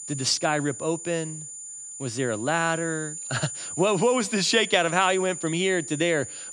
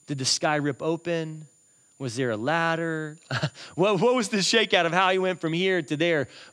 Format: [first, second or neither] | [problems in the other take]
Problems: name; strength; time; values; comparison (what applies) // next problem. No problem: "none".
second | high-pitched whine; loud; throughout; 7 kHz, 9 dB below the speech; faint in the second